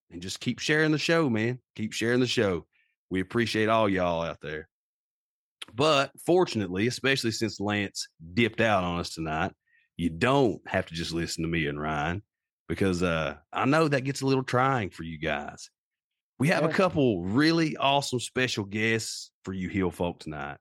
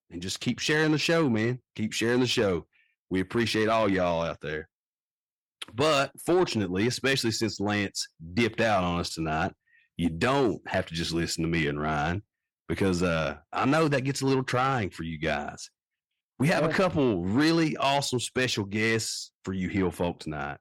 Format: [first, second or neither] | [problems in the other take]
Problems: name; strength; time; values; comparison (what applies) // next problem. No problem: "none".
first | distortion; slight; 10 dB below the speech